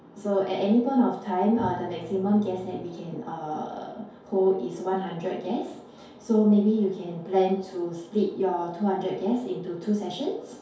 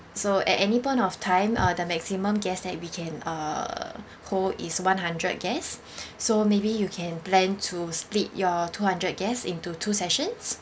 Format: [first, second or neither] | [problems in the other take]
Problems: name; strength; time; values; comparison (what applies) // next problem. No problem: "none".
second | room echo; dies away in 2.4 s